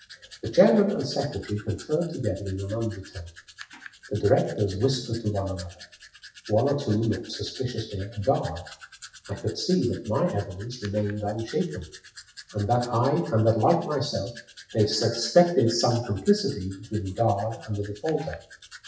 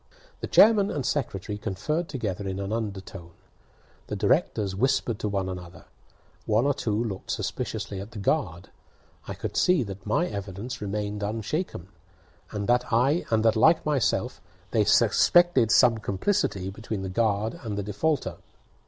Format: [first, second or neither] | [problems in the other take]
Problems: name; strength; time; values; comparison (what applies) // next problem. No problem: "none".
second | noise reduction (classical method WPE with log-MMSE)